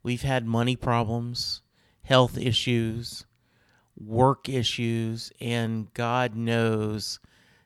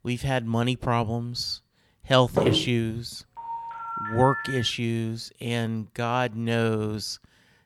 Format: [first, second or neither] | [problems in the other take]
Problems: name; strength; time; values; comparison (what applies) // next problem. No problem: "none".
first | footsteps; loud; at 2.5 s; peak 1 dB above the speech // phone ringing; noticeable; from 3.5 to 4.5 s; peak 5 dB below the speech